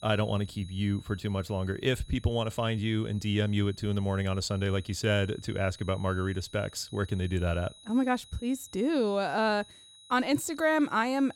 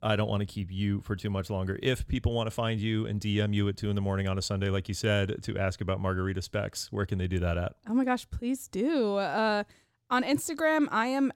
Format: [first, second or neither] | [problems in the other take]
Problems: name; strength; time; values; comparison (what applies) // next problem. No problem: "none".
second | high-pitched whine; faint; throughout; 4 kHz, 20 dB below the speech